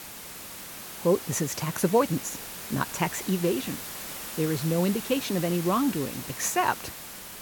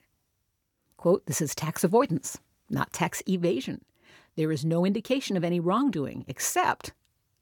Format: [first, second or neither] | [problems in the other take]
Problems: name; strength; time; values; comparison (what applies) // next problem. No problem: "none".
second | hiss; loud; throughout; 9 dB below the speech